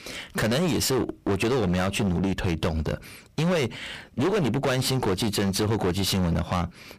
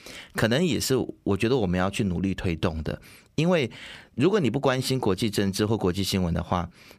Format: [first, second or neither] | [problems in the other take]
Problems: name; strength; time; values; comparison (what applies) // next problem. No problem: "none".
second | distortion; heavy; 26% of the sound clipped